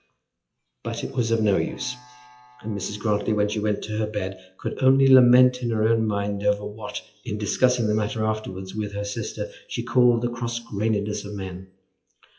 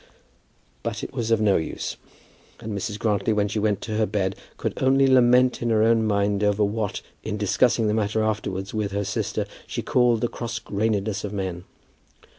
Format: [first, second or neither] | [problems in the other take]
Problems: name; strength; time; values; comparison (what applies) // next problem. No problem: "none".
second | noise reduction (classical method WPE with log-MMSE)